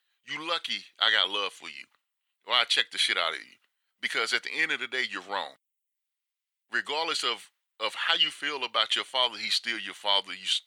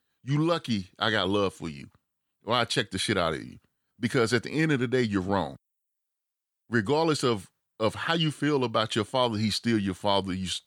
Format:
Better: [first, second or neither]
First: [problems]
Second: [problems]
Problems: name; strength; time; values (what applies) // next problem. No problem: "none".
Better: second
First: thin; very; fading below 750 Hz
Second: none